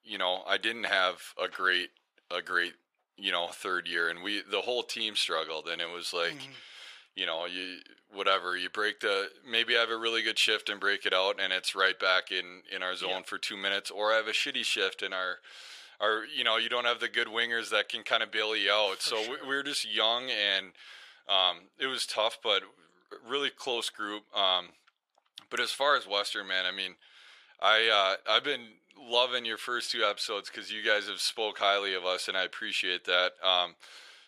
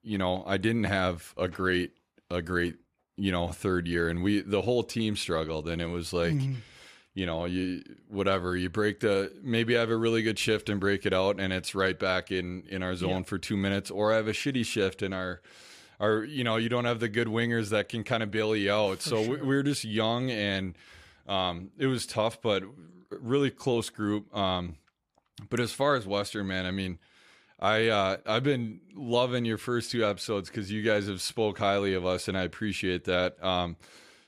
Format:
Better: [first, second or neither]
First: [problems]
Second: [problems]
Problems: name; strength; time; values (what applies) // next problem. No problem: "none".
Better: second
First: thin; very; fading below 650 Hz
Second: none